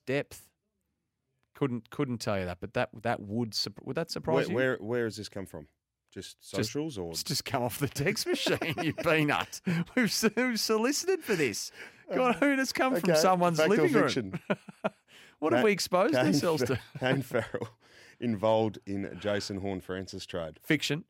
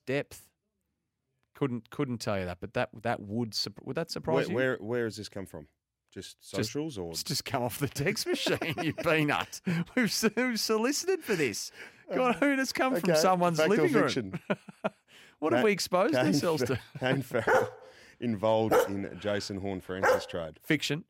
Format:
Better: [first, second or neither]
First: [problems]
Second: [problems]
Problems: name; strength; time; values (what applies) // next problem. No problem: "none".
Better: first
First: none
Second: dog barking; loud; from 17 to 20 s; peak 3 dB above the speech